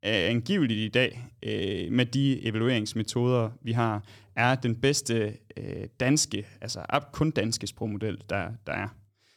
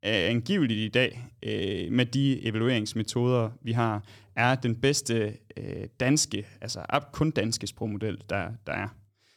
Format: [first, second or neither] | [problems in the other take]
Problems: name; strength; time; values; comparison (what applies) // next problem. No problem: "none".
neither | none